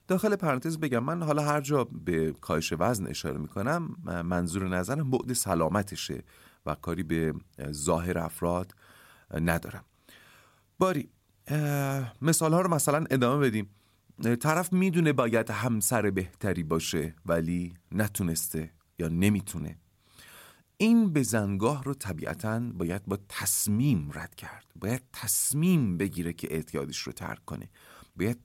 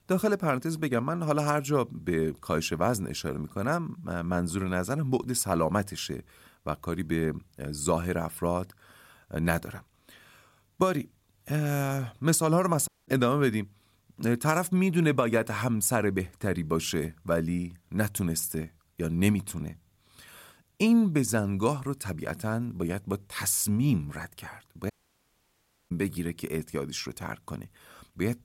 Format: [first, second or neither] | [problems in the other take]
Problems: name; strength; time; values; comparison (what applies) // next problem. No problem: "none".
first | audio cutting out; at 13 s and at 25 s for 1 s